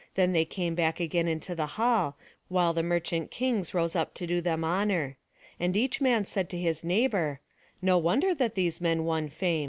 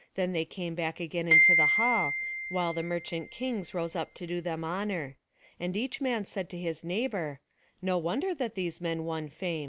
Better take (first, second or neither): first